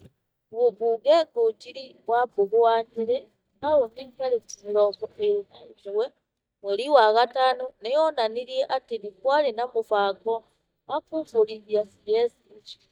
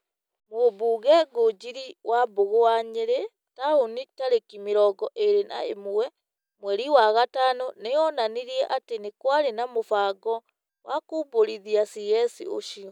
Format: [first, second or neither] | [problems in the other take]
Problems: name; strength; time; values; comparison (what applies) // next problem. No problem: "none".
second | noise reduction (neural mask model DeepFilterNet 3)